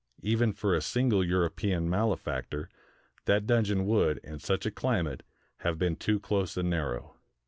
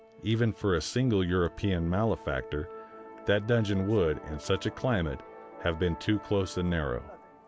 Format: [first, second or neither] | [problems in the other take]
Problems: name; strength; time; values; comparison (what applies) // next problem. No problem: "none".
first | background sound (Musical instrument); 18 dB below the speech